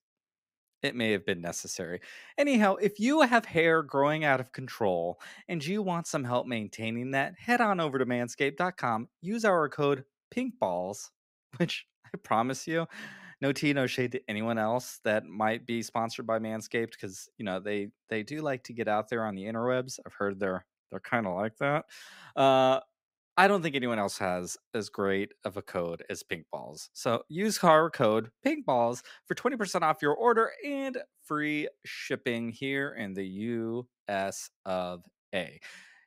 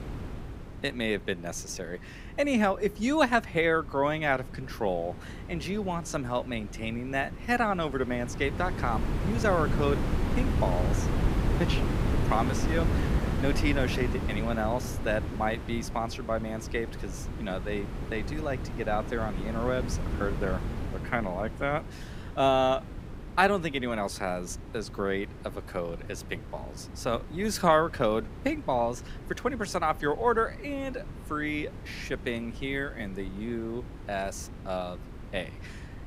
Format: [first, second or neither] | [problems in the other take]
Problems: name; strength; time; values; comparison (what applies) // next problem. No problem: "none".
first | wind noise on the microphone; occasional gusts; 10 dB below the speech